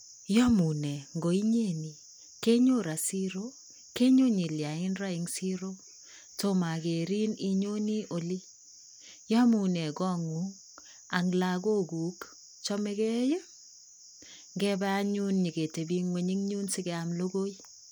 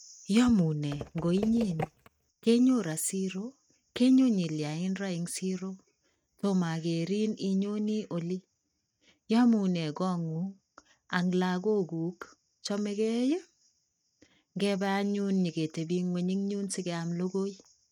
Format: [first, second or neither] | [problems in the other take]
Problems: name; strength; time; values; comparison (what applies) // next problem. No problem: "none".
first | noise reduction (neural mask model RNNoise)